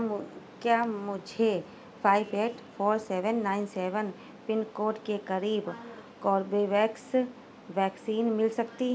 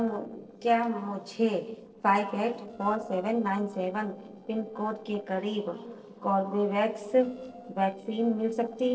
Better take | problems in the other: first | noise reduction (neural separator model SepFormer DNS4)

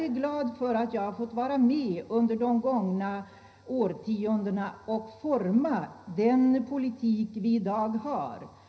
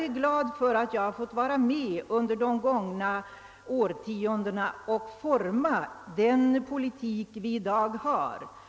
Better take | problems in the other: second | room echo; dies away in 0.5 s

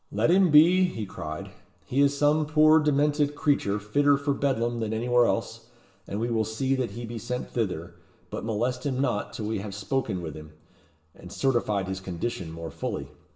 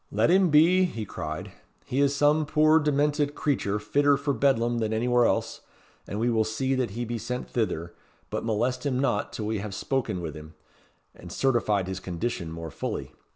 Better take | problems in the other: second | room echo; dies away in 0.7 s

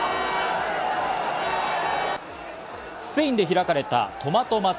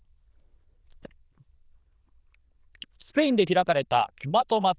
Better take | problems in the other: first | noise reduction (neural diffusion model UNIVERSE++)

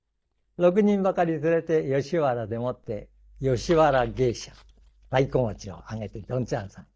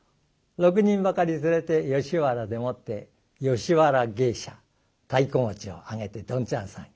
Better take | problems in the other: second | noise reduction (neural mask model DeepFilterNet 3)

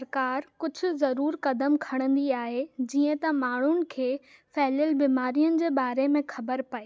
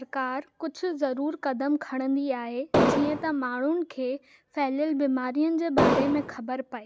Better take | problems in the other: first | background sound (Explosion); 4 dB above the speech

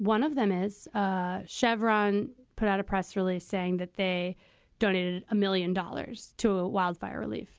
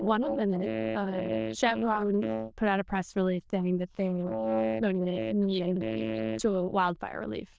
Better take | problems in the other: first | noise reduction (neural diffusion model UNIVERSE++)

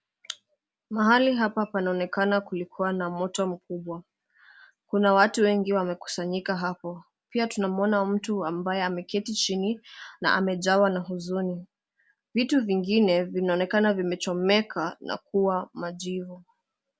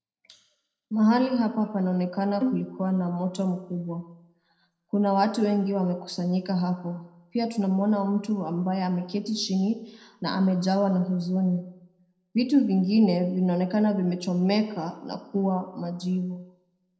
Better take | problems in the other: first | noise reduction (neural separator model SepFormer DNS4)

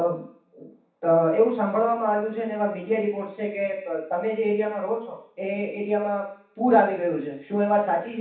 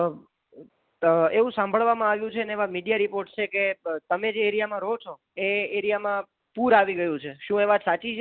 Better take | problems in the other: second | room echo; dies away in 0.7 s

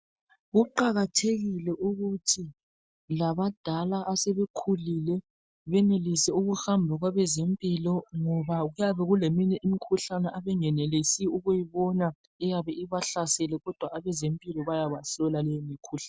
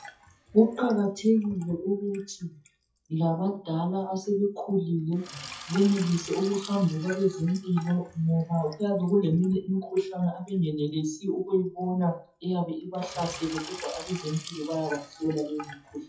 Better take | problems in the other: first | noise reduction (classical method WPE with log-MMSE)

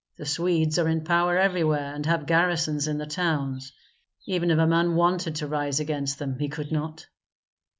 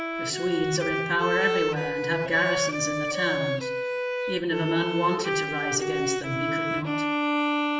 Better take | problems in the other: first | background sound (Bowed string instrument); 1 dB above the speech // room echo; dies away in 0.8 s

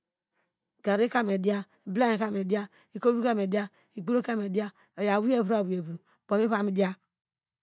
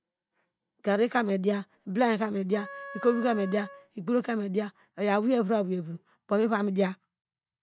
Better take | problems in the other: first | background sound (Wind instrument, woodwind instrument); 16 dB below the speech

